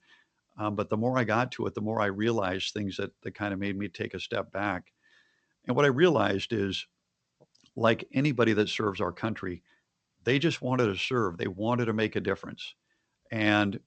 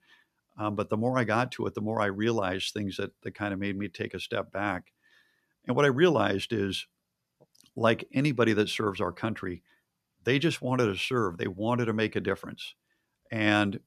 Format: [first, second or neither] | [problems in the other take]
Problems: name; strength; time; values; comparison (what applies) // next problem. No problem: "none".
second | garbled, watery; slightly; nothing above 7.5 kHz